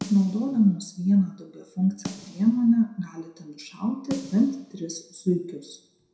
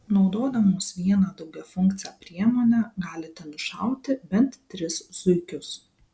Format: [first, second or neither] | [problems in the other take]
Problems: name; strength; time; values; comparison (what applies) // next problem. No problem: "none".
second | background sound (Snare drum); 18 dB below the speech // room echo; dies away in 0.6 s